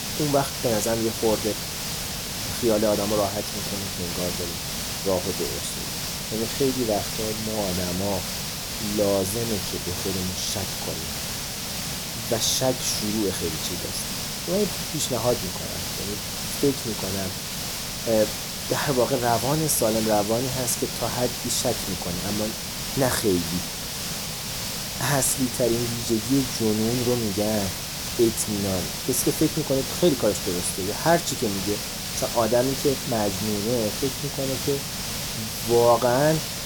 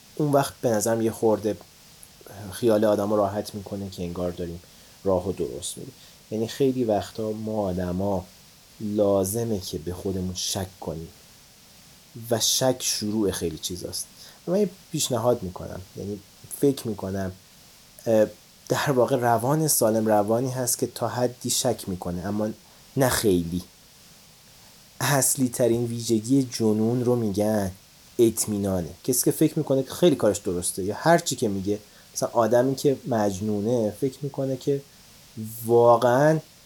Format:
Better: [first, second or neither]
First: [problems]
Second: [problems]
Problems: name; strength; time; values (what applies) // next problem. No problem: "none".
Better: second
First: hiss; loud; throughout; 2 dB below the speech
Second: hiss; faint; throughout; 25 dB below the speech